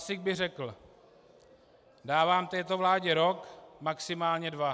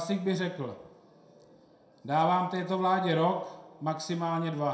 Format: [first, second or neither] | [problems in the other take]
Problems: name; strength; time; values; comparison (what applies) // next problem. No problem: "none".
first | room echo; dies away in 0.5 s